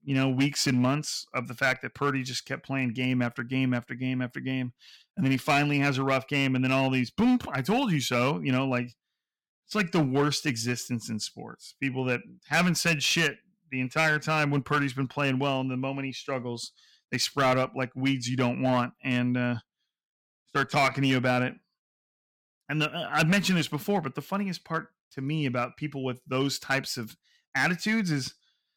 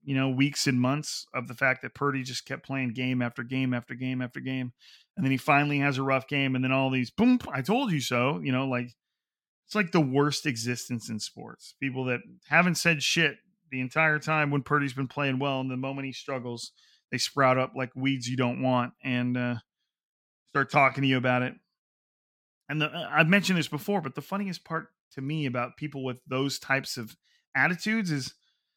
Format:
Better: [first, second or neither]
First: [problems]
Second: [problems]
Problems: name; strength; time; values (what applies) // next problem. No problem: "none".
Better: second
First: distortion; slight; 4% of the sound clipped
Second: none